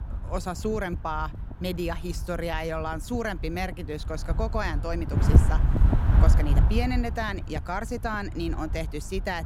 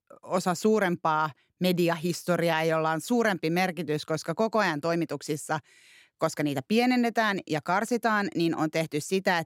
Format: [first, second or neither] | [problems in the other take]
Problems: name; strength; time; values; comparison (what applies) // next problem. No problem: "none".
second | wind noise on the microphone; heavy; 7 dB below the speech